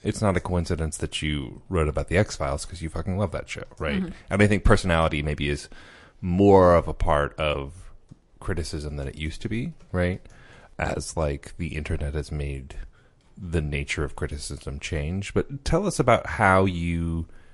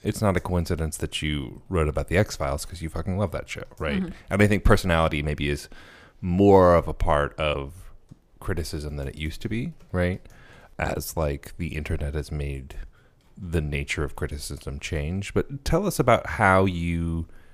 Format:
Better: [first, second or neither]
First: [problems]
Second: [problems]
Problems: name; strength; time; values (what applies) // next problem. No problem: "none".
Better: second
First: garbled, watery; slightly; nothing above 11 kHz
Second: none